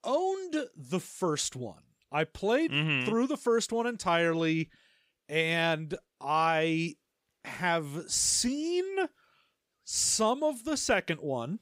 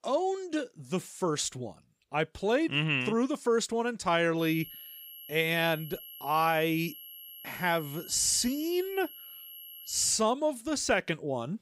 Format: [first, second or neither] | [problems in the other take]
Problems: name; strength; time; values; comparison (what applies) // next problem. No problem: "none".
first | high-pitched whine; noticeable; from 4.5 to 10 s; 11.5 kHz, 15 dB below the speech